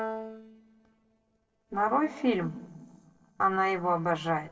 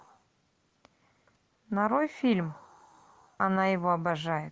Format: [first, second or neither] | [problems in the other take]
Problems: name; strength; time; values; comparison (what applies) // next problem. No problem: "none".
second | noise reduction (neural separator model SepFormer DNS4)